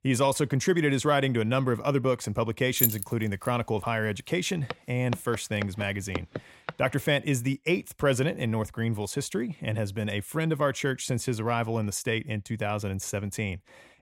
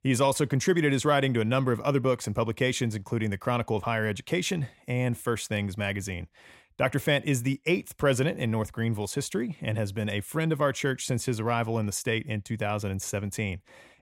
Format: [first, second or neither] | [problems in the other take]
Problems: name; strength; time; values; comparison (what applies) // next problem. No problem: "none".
second | jangling keys; loud; at 3 s; peak 4 dB above the speech // footsteps; noticeable; from 4.5 to 6.5 s; peak 9 dB below the speech